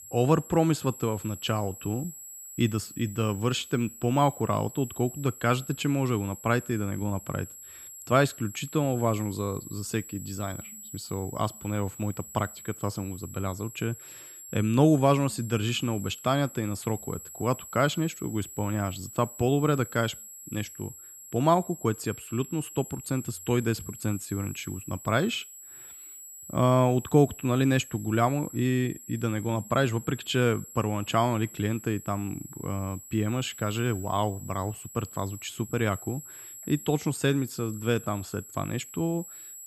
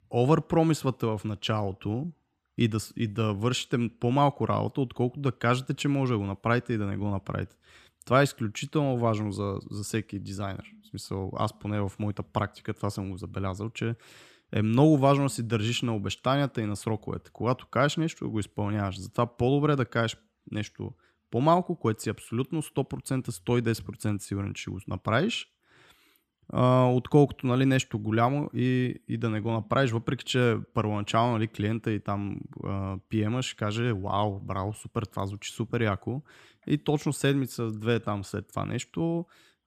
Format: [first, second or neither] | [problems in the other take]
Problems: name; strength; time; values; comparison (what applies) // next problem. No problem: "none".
second | high-pitched whine; noticeable; throughout; 7.5 kHz, 15 dB below the speech